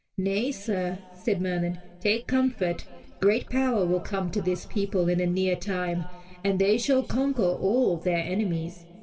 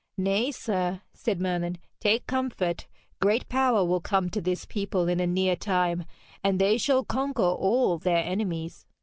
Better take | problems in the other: second | room echo; dies away in 2.3 s

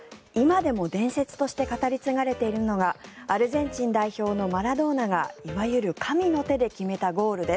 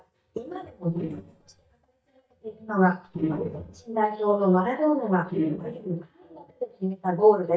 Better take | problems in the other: first | noise reduction (neural mask model DeepFilterNet 3)

